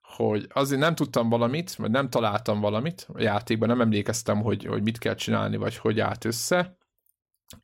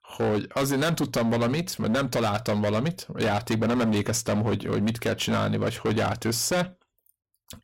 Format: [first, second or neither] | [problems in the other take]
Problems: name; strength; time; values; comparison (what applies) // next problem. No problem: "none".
first | distortion; heavy; 20% of the sound clipped